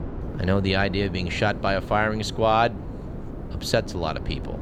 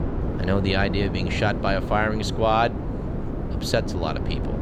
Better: first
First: wind noise on the microphone; occasional gusts; 15 dB below the speech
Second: wind noise on the microphone; heavy; 10 dB below the speech

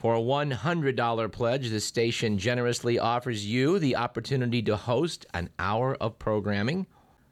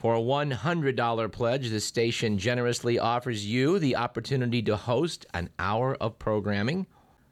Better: neither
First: none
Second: none

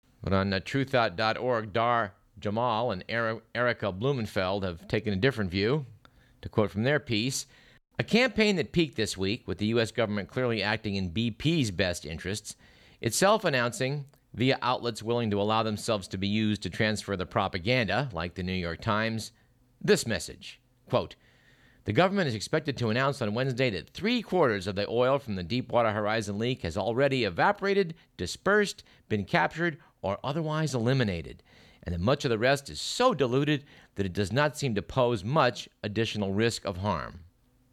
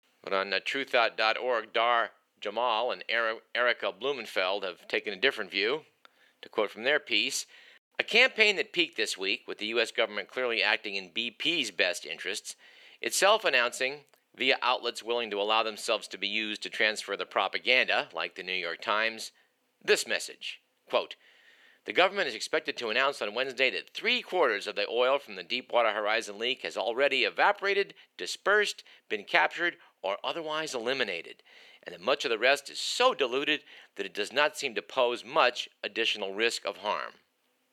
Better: first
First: none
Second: thin; very; fading below 400 Hz

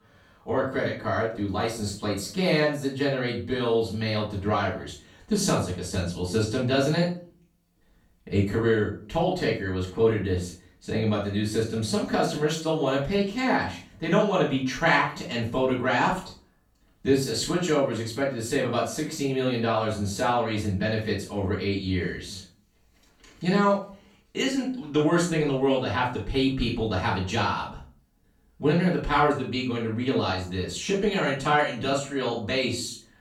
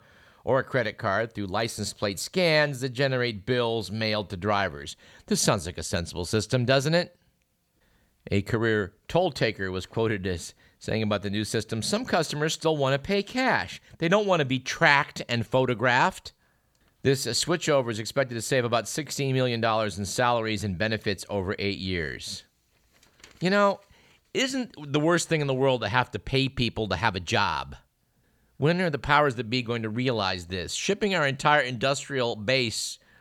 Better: second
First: off-mic speech; far // room echo; noticeable; dies away in 0.4 s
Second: none

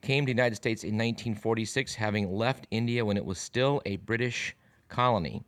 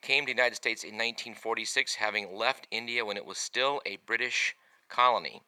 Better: first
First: none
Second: thin; very; fading below 650 Hz

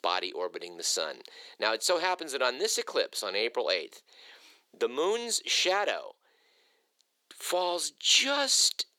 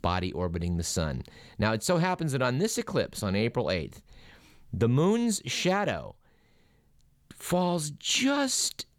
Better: second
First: thin; very; fading below 350 Hz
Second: none

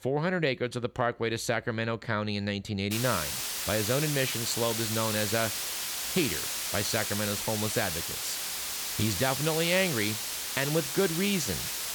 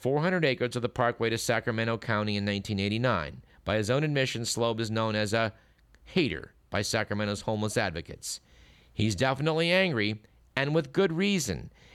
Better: second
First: hiss; loud; from 3 s on; 1 dB below the speech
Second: none

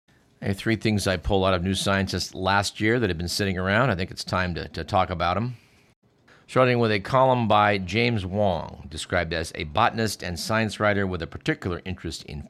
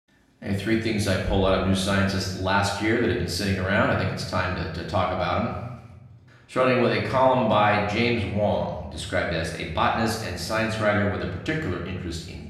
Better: first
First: none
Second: room echo; noticeable; dies away in 0.9 s // off-mic speech; far

